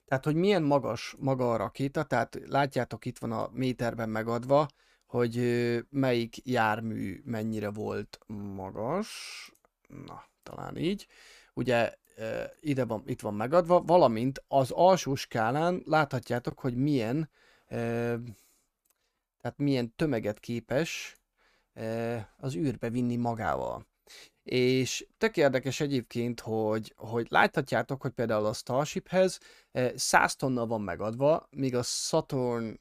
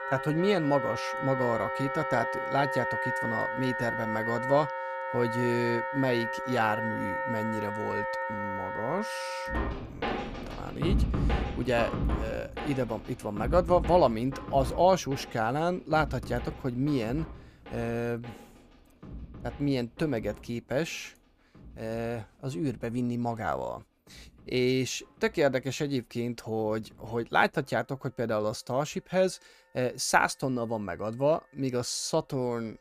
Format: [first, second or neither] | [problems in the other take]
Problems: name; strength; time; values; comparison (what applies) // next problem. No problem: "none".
first | background music; loud; throughout; 4 dB below the speech